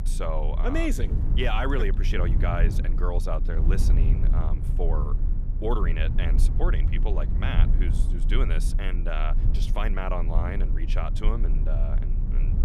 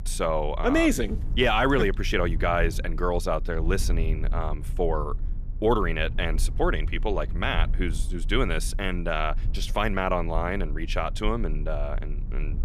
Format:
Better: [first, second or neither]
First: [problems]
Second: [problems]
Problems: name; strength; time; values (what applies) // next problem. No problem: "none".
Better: second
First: low rumble; loud; throughout; 10 dB below the speech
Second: low rumble; faint; throughout; 20 dB below the speech